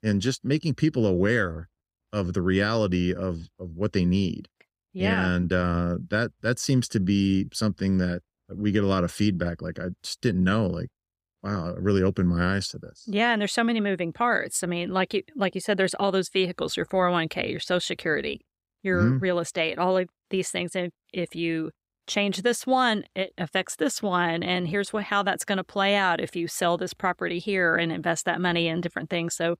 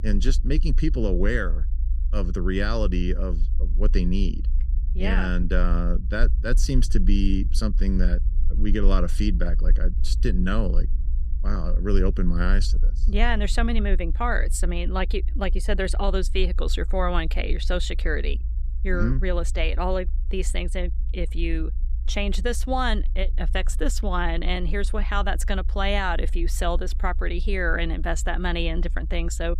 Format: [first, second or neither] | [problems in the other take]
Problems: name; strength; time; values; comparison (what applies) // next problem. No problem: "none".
first | low rumble; faint; throughout; 20 dB below the speech